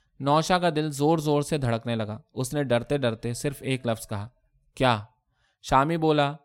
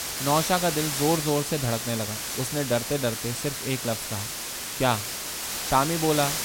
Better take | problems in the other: first | hiss; loud; throughout; 2 dB below the speech

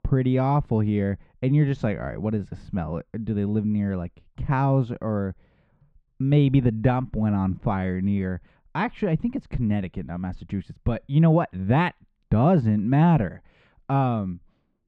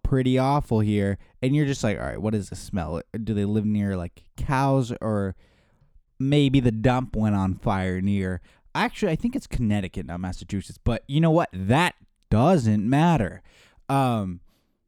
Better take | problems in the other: second | muffled; slightly; fading above 2.5 kHz

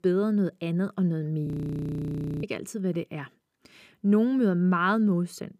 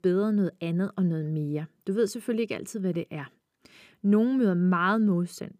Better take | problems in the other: second | audio freezing; at 1.5 s for 1 s

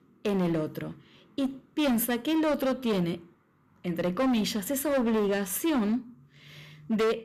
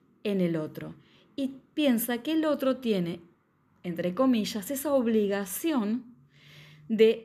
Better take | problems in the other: second | distortion; heavy; 14% of the sound clipped

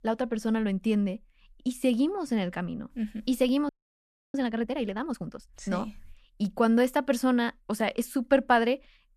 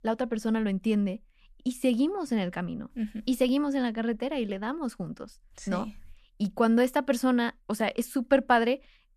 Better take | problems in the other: second | audio freezing; at 3.5 s for 0.5 s

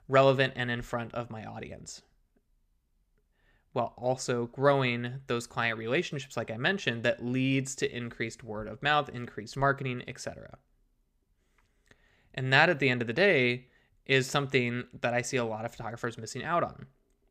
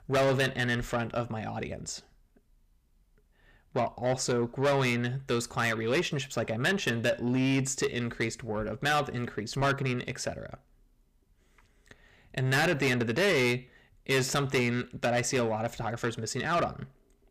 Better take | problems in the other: first | distortion; heavy; 6 dB below the speech

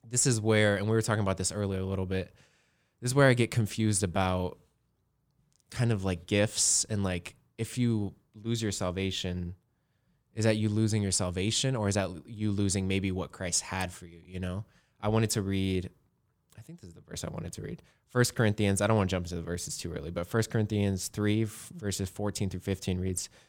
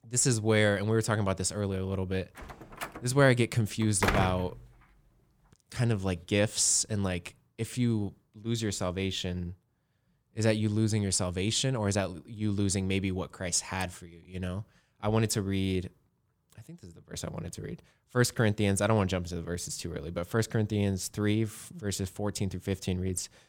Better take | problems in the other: first | door banging; loud; from 2.5 to 4.5 s; peak 1 dB above the speech

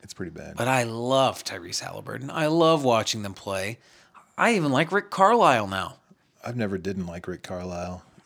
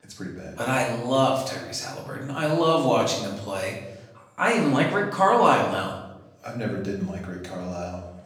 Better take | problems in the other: first | off-mic speech; far // room echo; noticeable; dies away in 0.8 s

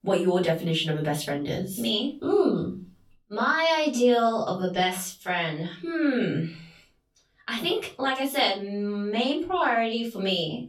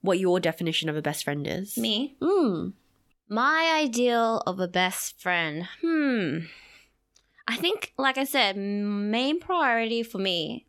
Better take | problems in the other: second | off-mic speech; far // room echo; very slight; dies away in 0.3 s

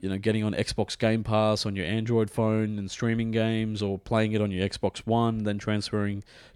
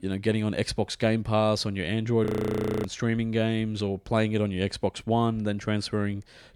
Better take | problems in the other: first | audio freezing; at 2.5 s for 0.5 s

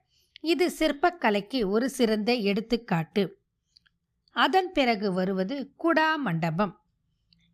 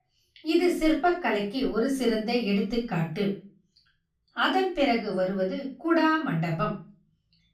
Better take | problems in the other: first | off-mic speech; far // room echo; slight; dies away in 0.3 s

